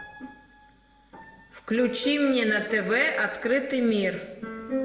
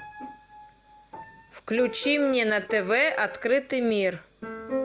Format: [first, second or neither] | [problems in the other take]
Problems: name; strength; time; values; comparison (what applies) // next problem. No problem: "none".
second | room echo; dies away in 1.7 s